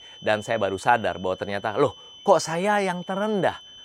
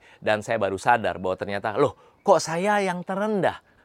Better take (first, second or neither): second